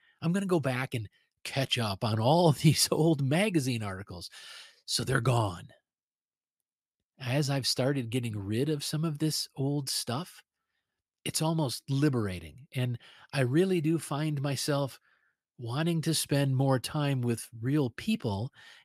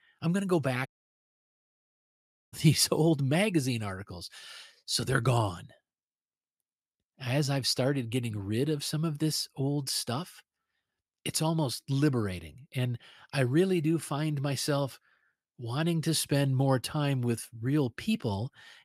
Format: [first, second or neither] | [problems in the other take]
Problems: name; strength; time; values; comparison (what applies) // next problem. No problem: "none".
first | audio cutting out; at 1 s for 1.5 s